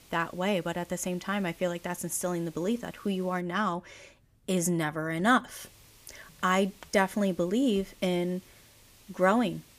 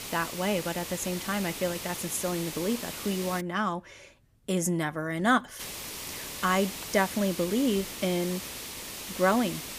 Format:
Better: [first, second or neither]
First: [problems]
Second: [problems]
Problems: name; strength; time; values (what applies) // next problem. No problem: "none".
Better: first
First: hiss; faint; until 3.5 s and from 5.5 s on; 25 dB below the speech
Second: hiss; loud; until 3.5 s and from 5.5 s on; 7 dB below the speech